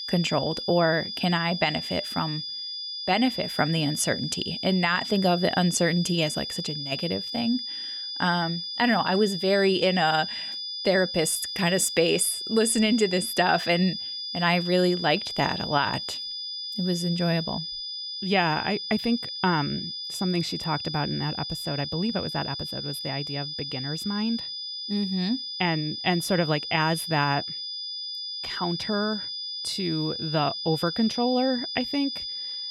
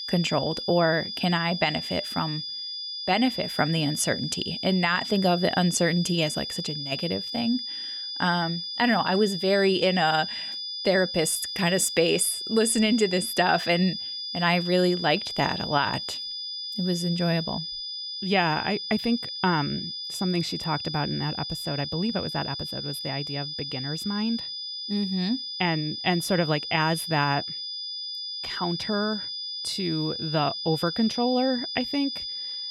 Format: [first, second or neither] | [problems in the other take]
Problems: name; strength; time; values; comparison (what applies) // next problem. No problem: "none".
neither | high-pitched whine; loud; throughout; 5 kHz, 5 dB below the speech; the same in both